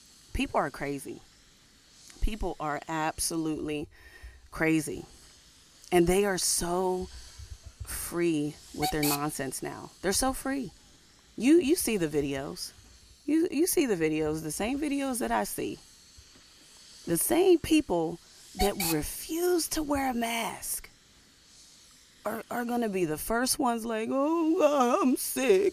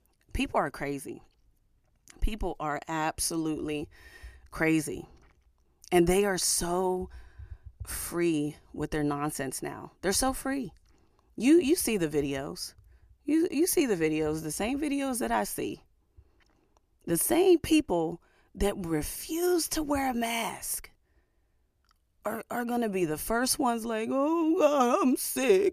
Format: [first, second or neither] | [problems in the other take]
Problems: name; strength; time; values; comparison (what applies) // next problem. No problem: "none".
second | hiss; noticeable; throughout; 10 dB below the speech